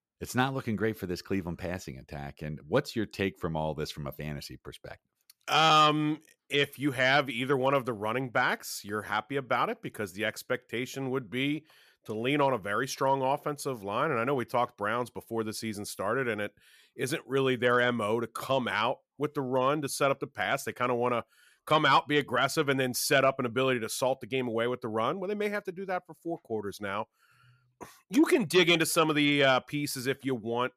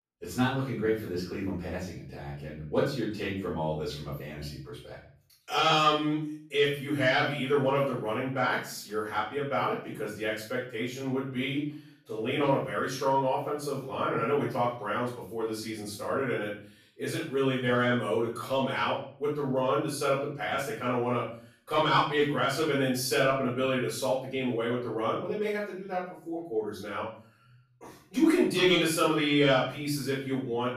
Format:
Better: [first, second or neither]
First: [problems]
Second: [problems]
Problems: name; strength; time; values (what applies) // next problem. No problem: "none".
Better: first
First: none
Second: off-mic speech; far // room echo; noticeable; dies away in 0.5 s